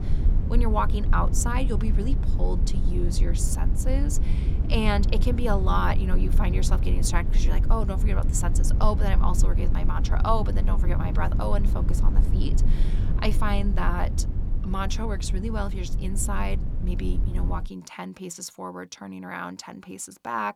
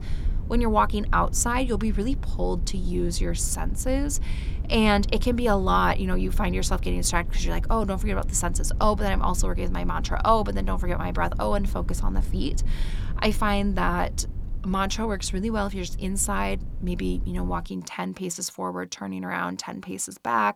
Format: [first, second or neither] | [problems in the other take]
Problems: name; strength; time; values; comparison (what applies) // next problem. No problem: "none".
second | low rumble; loud; until 18 s; 10 dB below the speech; faint in the second